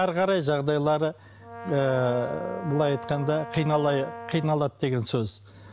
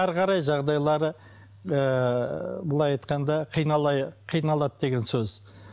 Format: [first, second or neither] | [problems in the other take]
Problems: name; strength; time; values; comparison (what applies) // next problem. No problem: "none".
second | background sound (Brass instrument); 13 dB below the speech